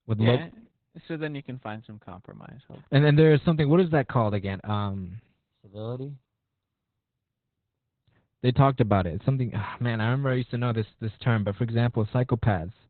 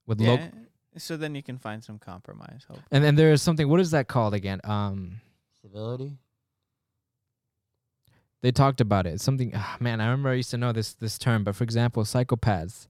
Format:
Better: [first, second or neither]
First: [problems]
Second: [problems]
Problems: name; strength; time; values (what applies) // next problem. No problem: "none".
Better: second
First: garbled, watery; badly; nothing above 4 kHz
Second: none